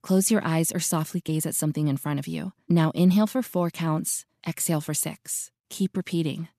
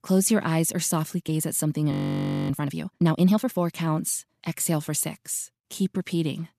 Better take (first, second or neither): first